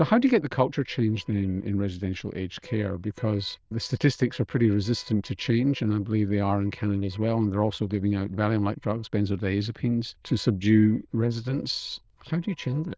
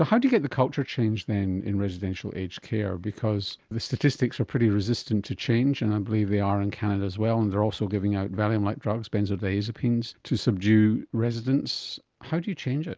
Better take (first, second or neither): second